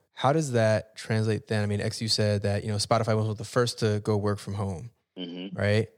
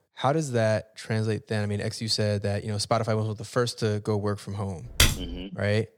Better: first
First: none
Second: keyboard typing; loud; at 5 s; peak 6 dB above the speech

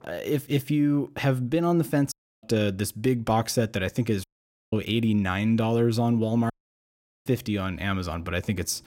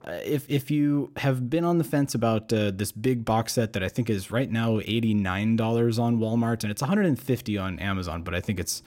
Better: second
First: audio cutting out; at 2 s, at 4 s and at 6.5 s for 1 s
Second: none

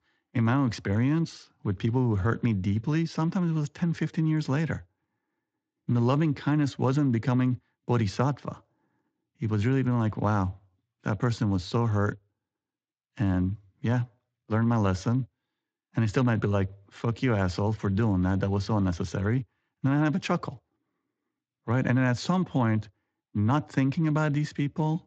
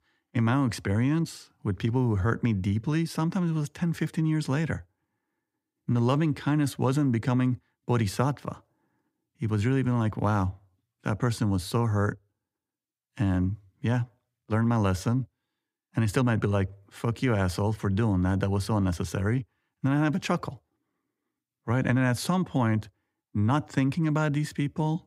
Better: second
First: garbled, watery; slightly; nothing above 7.5 kHz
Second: none

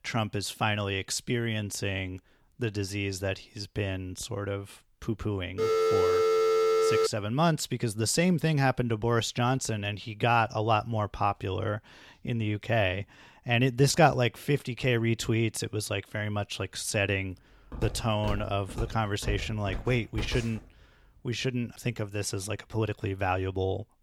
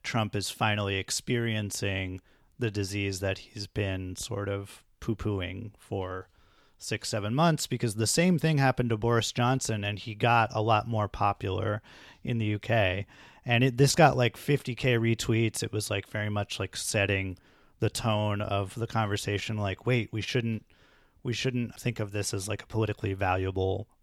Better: second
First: phone ringing; loud; from 5.5 to 7 s; peak 5 dB above the speech // footsteps; noticeable; from 18 to 21 s; peak 8 dB below the speech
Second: none

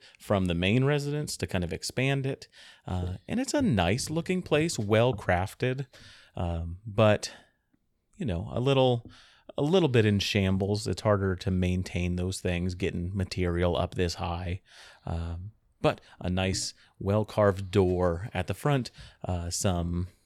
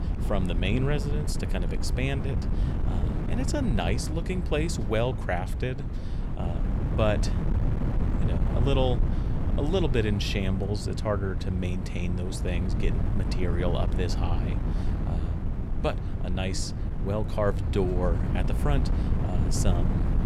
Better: first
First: none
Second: wind noise on the microphone; heavy; 7 dB below the speech

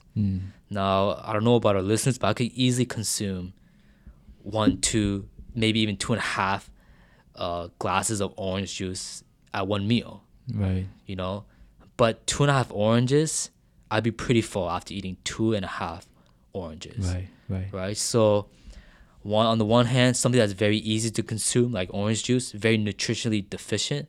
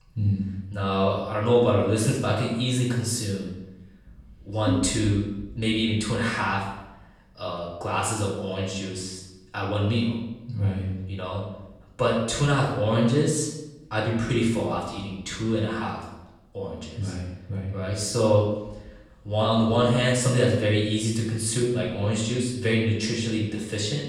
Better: first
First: none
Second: off-mic speech; far // room echo; noticeable; dies away in 0.8 s

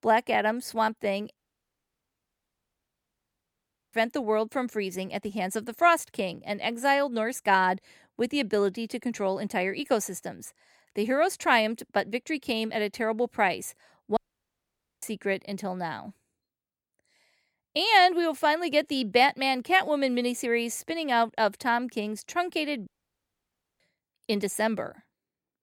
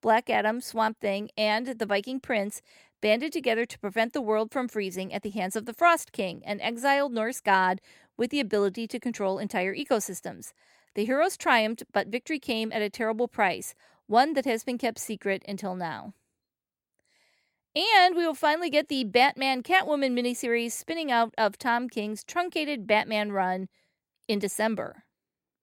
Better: second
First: audio cutting out; at 1.5 s for 2.5 s, at 14 s for 1 s and at 23 s for 1 s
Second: none

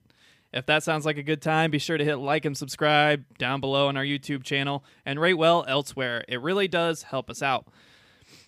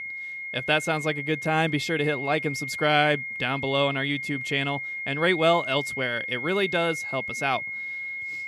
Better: first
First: none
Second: high-pitched whine; loud; throughout; 2 kHz, 5 dB below the speech

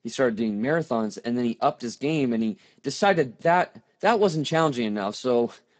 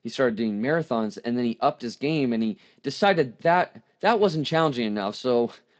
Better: second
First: garbled, watery; badly; nothing above 8 kHz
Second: garbled, watery; slightly; nothing above 7.5 kHz

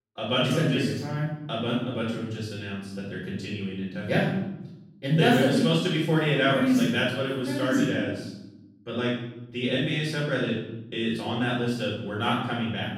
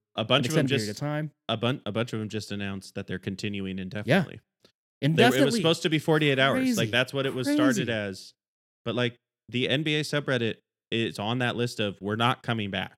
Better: second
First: off-mic speech; far // room echo; noticeable; dies away in 0.8 s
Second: none

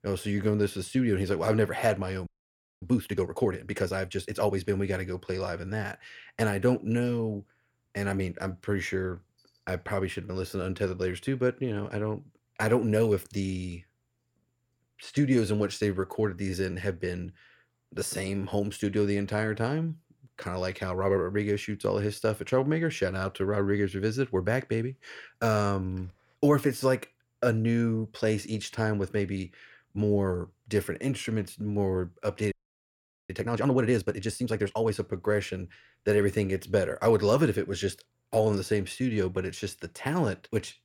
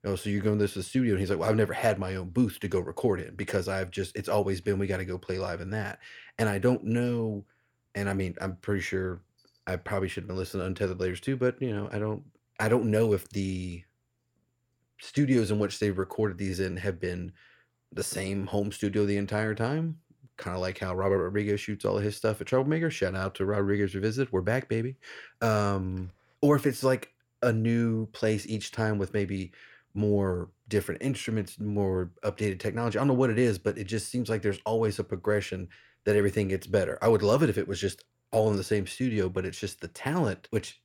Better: second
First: audio freezing; at 2.5 s for 0.5 s and at 33 s for 1 s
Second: none

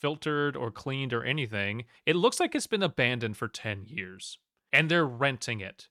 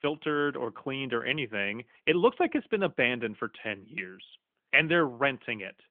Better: first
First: none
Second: phone-call audio; nothing above 3.5 kHz

